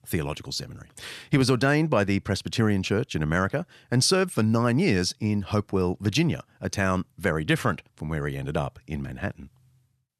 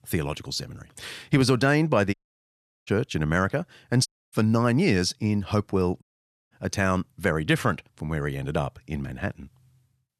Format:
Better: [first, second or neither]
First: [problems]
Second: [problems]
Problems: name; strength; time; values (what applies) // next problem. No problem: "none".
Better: first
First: none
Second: audio cutting out; at 2 s for 0.5 s, at 4 s and at 6 s